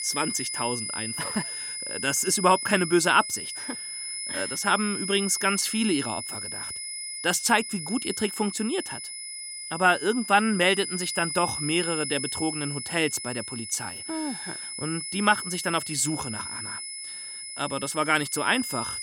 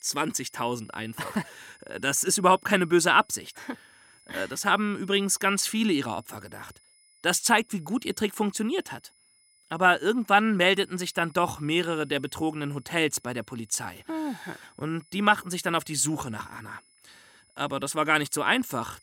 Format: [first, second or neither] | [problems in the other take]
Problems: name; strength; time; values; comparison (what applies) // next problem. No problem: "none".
second | high-pitched whine; loud; throughout; 10 kHz, 6 dB below the speech; faint in the second